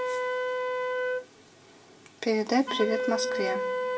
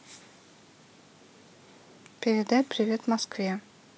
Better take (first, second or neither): second